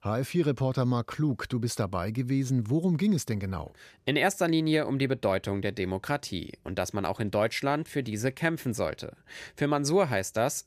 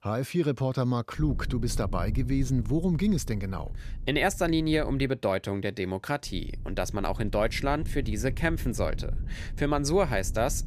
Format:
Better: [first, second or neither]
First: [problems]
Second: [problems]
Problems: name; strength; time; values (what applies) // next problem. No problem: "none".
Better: first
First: none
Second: low rumble; faint; from 1 to 5 s and from 6.5 s on; 20 dB below the speech